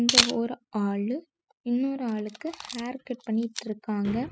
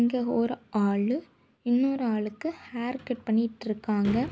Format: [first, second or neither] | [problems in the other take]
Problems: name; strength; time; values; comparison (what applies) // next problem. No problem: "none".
second | noise reduction (classical method spectral subtraction)